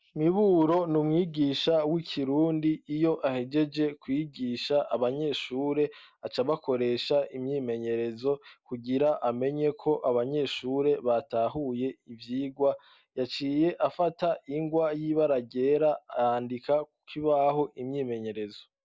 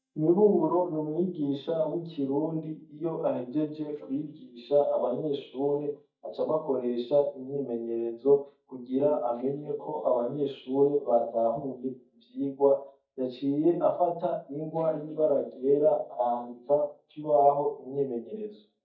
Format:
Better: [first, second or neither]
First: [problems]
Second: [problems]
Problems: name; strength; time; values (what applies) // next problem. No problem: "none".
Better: first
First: none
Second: noise reduction (neural mask model DeepFilterNet 3)